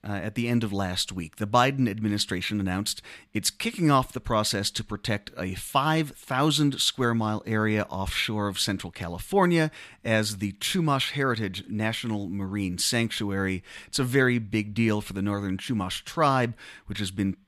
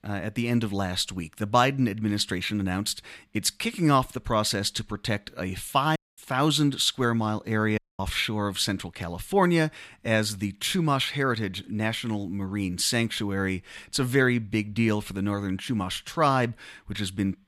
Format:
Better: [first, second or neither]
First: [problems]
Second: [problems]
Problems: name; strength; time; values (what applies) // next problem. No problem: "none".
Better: first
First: none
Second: audio cutting out; at 6 s and at 8 s